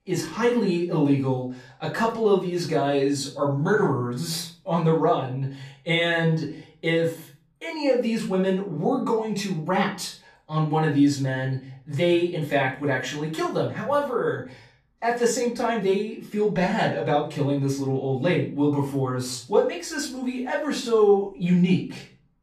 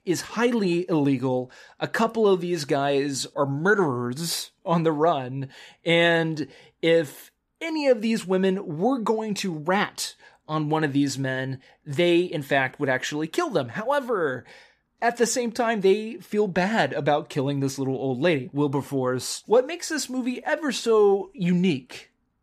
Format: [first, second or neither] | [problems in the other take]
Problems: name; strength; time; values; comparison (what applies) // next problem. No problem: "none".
second | off-mic speech; far // room echo; slight; dies away in 0.4 s